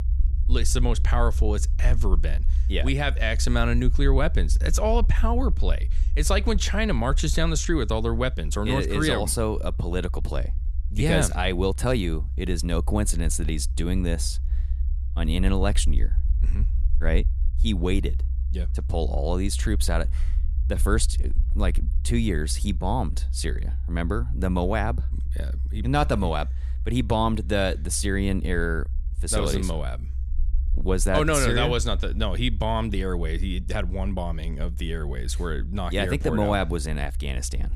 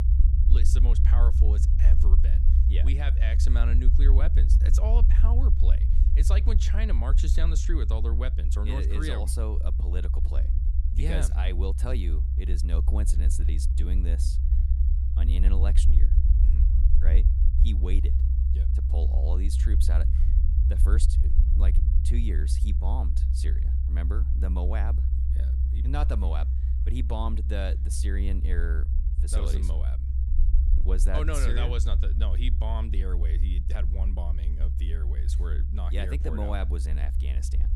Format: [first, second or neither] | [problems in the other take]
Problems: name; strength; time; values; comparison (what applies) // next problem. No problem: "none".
first | low rumble; loud; throughout; 5 dB below the speech; faint in the first